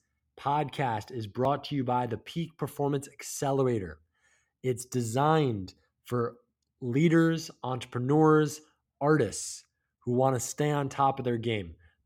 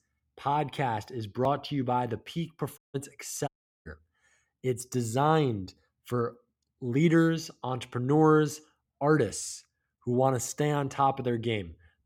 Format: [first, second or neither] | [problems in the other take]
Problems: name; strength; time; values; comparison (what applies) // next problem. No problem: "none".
first | audio cutting out; at 3 s and at 3.5 s